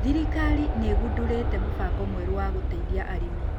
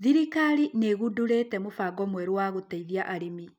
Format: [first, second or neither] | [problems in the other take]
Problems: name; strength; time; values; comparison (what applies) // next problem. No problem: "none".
second | background sound (Aircraft); 5 dB above the speech